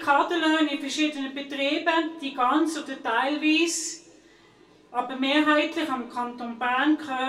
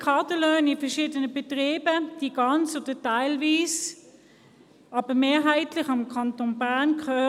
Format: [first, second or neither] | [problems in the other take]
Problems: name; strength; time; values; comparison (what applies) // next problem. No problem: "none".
second | room echo; dies away in 0.2 s